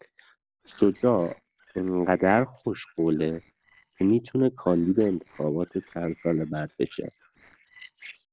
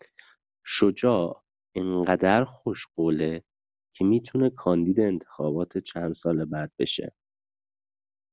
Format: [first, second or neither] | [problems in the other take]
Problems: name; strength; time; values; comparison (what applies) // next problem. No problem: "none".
second | noise reduction (neural separator model SepFormer DNS4)